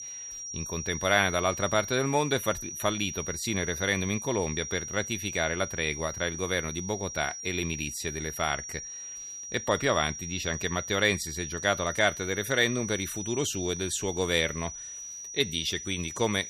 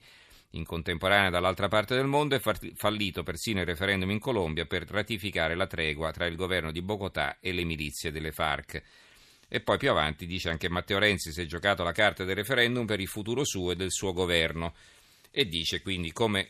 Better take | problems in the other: second | high-pitched whine; loud; throughout; 5.5 kHz, 7 dB below the speech

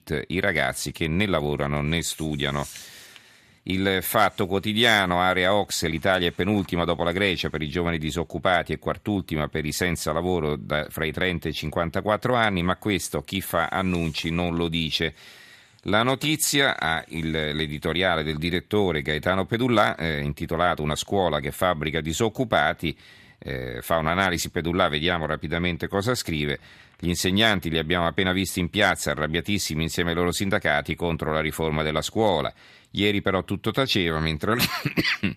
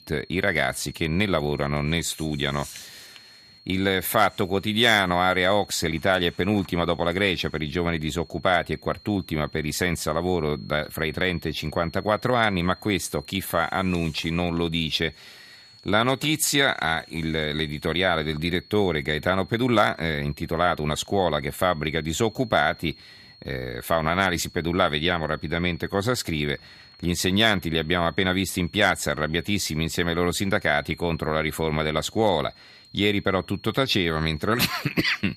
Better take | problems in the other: first | high-pitched whine; faint; throughout; 4.5 kHz, 25 dB below the speech

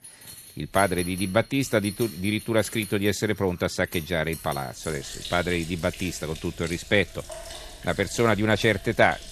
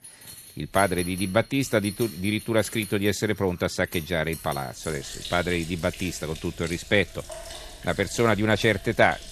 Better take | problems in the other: neither | household noises; noticeable; throughout; 15 dB below the speech; the same in both

